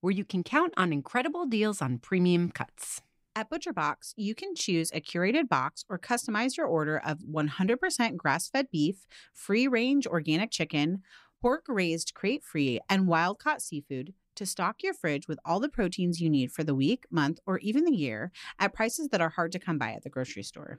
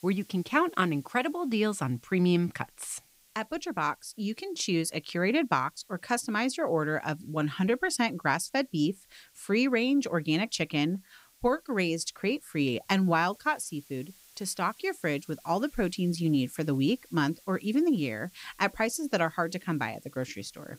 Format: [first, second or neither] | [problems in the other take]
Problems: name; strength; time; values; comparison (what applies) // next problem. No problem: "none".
first | hiss; faint; throughout; 25 dB below the speech